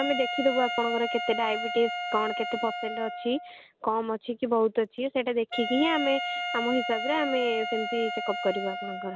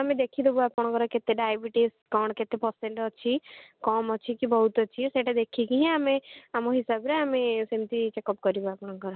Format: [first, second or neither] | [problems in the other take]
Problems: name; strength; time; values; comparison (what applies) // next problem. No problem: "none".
second | background sound (Wind instrument, woodwind instrument); 5 dB below the speech